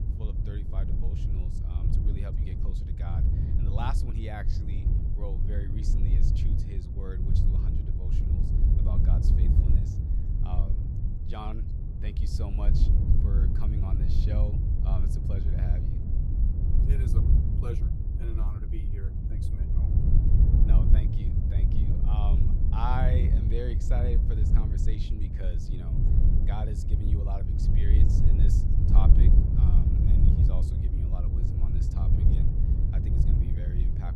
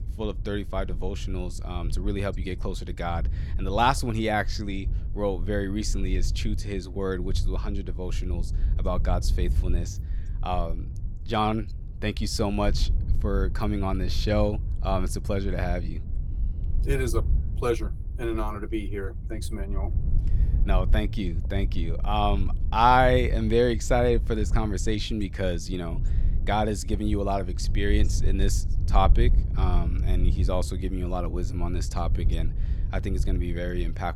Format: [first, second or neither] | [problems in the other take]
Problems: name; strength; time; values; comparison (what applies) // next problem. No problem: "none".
second | wind noise on the microphone; heavy; 1 dB above the speech; occasional gusts in the second